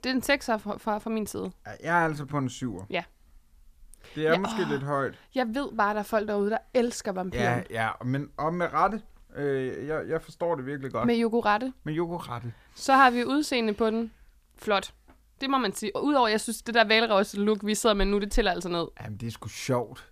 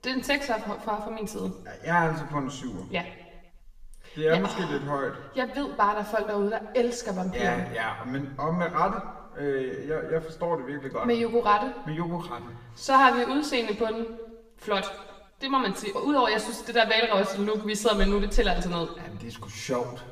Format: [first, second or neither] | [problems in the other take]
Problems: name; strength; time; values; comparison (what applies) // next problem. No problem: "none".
first | room echo; slight; dies away in 1 s // off-mic speech; somewhat distant